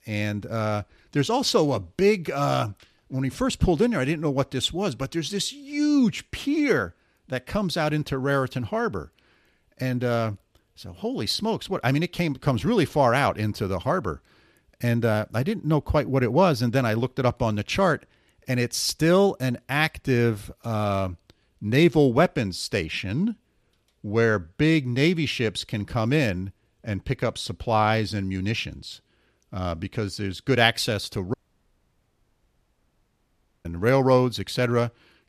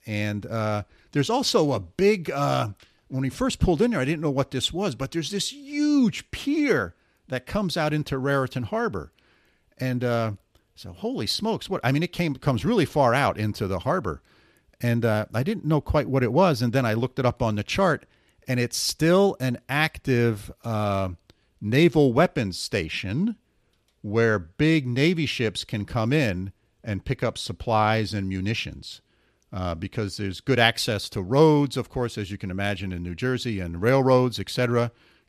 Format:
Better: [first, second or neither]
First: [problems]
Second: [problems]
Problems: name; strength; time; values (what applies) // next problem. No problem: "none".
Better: second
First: audio cutting out; at 31 s for 2.5 s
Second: none